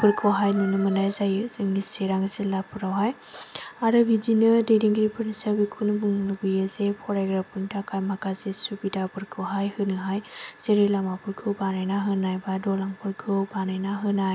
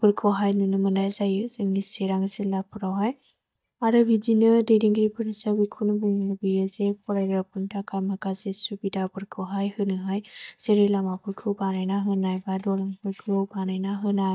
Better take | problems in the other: first | noise reduction (neural mask model DeepFilterNet 3)

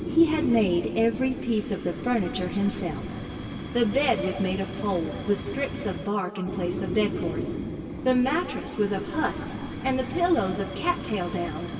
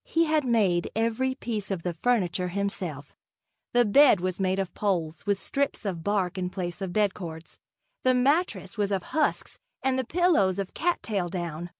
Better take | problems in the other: second | background sound (Fire); 7 dB below the speech // room echo; dies away in 2 s

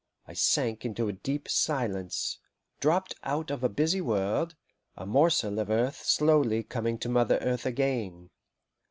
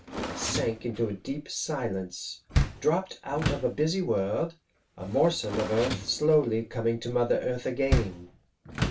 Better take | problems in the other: first | background sound (Door); 5 dB below the speech // room echo; dies away in 0.2 s

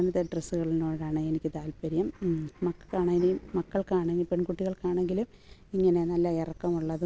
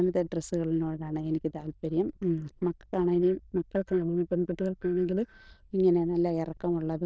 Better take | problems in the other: first | noise reduction (neural diffusion model UNIVERSE++)

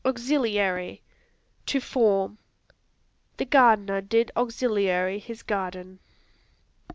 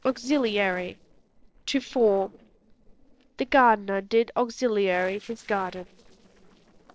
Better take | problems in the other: first | noise reduction (neural separator model SepFormer DNS4)

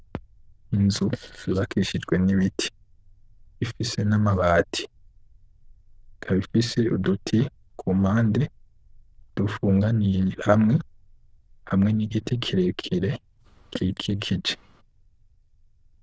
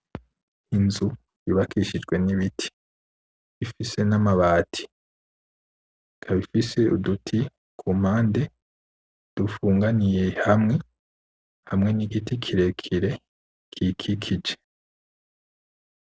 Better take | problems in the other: second | noise reduction (neural diffusion model UNIVERSE++)

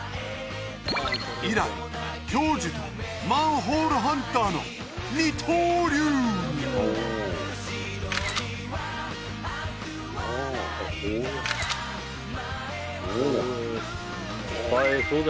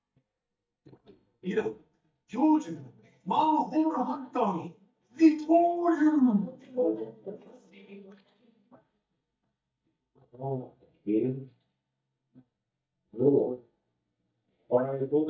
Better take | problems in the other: first | noise reduction (neural mask model DeepFilterNet 3)

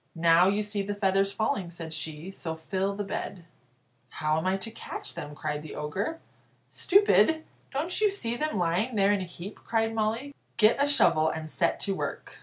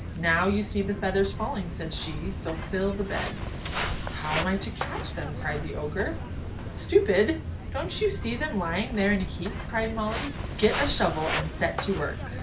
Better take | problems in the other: first | background sound (Walk, footsteps); 4 dB below the speech // room echo; dies away in 0.5 s

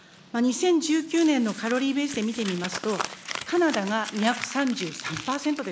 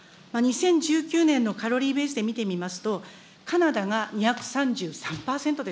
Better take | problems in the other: second | background sound (Crumpling, crinkling); 12 dB below the speech

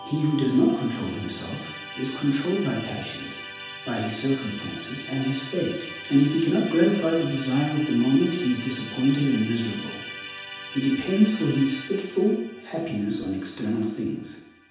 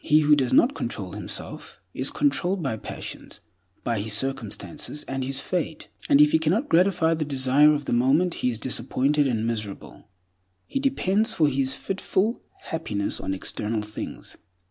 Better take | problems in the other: second | background sound (Musical instrument); 14 dB below the speech // room echo; dies away in 0.8 s

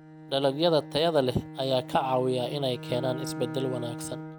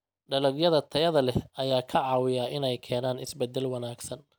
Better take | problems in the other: second | background sound (Bowed string instrument); 11 dB below the speech

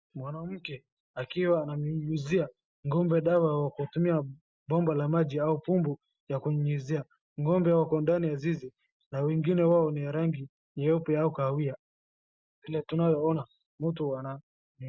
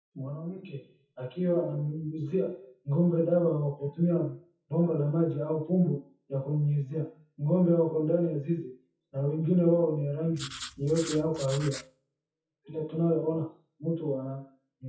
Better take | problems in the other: first | noise reduction (classical method WPE with log-MMSE)

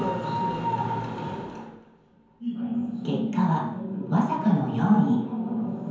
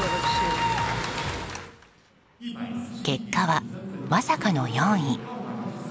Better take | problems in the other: second | room echo; dies away in 0.9 s

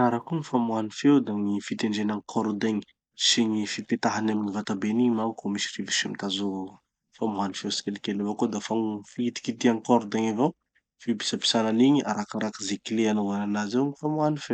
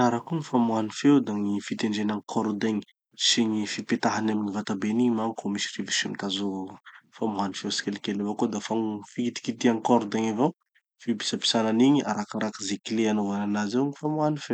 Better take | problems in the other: second | noise reduction (neural mask model DeepFilterNet 3)

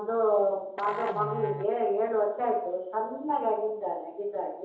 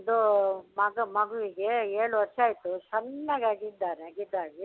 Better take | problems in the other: second | background sound (Musical instrument); 10 dB below the speech // room echo; dies away in 0.8 s

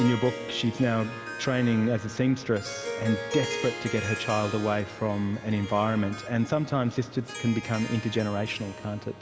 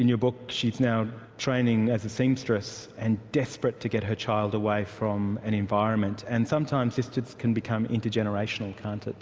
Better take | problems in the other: second | background sound (Harp); 10 dB below the speech

